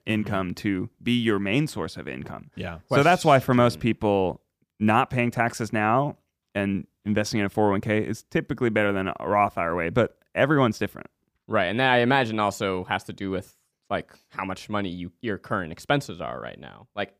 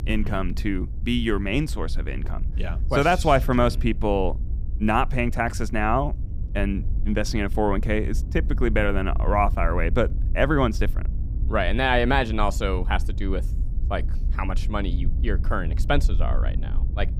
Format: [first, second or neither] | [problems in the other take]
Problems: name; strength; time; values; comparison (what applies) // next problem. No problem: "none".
first | low rumble; faint; throughout; 20 dB below the speech